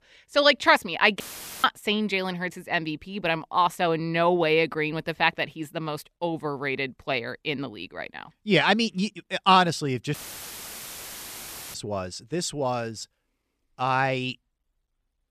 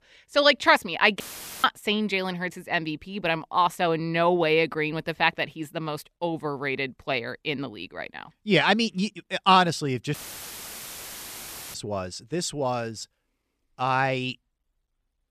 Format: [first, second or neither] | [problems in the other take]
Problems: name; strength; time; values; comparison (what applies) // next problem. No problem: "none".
neither | audio cutting out; filled with static; at 1 s and at 10 s for 1.5 s; the same in both